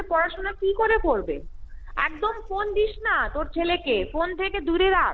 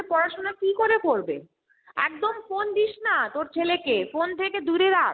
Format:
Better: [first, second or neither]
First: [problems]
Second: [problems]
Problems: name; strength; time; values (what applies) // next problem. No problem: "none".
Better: second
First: background sound (Wind); 11 dB below the speech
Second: none